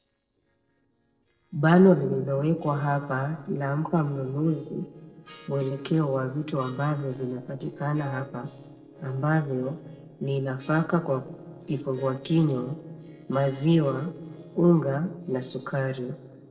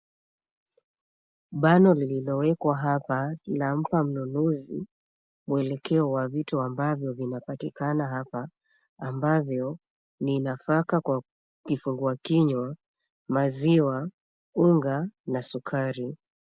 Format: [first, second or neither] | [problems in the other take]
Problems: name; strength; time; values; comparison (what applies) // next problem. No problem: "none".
second | noise reduction (neural separator model SepFormer DNS4)